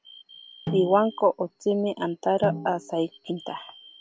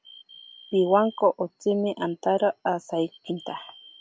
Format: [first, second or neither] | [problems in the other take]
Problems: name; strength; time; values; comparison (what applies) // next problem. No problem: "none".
second | background sound (Snare drum); 11 dB below the speech